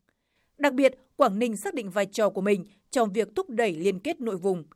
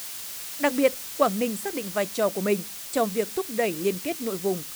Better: first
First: none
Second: hiss; loud; throughout; 7 dB below the speech

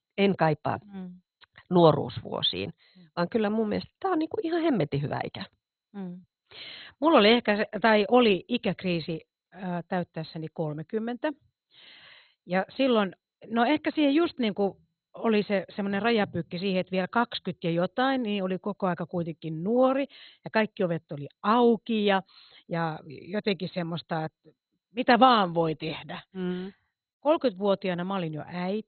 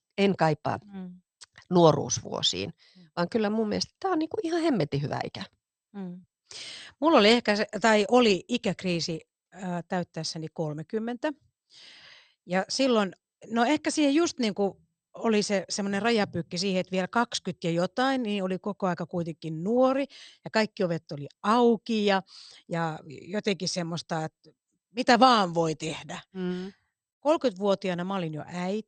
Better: second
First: garbled, watery; badly; nothing above 4 kHz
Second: garbled, watery; slightly; nothing above 8.5 kHz

